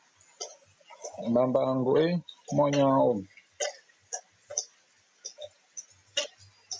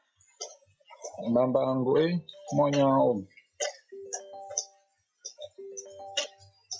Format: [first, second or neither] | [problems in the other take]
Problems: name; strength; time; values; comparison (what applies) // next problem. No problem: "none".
first | noise reduction (classical method log-MMSE)